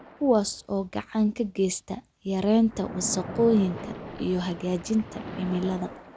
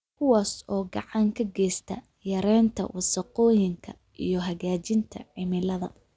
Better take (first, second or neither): second